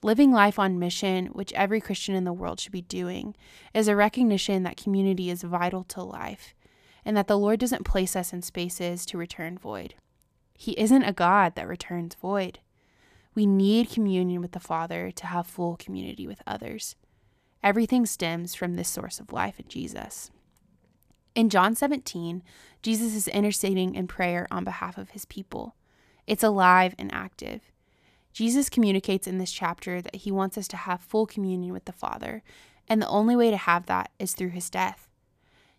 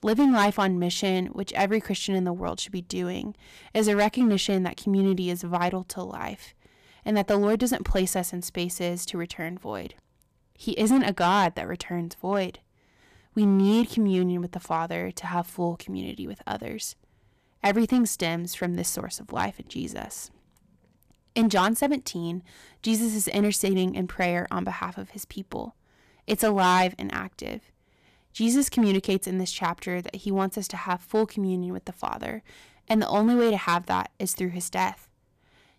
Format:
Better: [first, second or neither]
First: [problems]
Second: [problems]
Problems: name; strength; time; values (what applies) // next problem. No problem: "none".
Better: first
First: none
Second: distortion; slight; 3% of the sound clipped